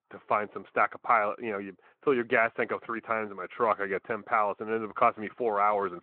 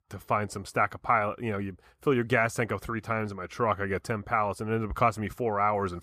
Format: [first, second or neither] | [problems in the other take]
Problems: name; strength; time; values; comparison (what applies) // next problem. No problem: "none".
second | phone-call audio